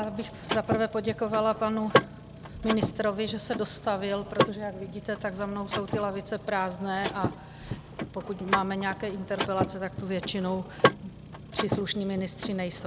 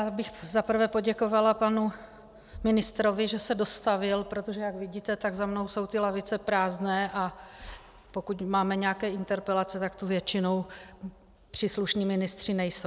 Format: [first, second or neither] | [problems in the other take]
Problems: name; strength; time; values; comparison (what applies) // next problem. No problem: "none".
second | background sound (Mechanisms / Car); 1 dB below the speech